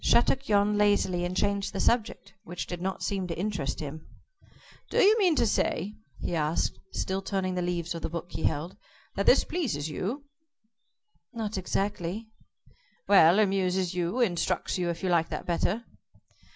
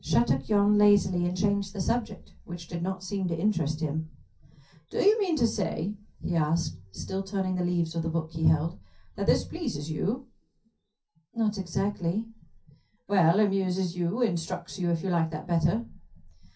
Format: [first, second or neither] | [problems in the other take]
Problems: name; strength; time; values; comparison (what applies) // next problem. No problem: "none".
first | room echo; dies away in 0.3 s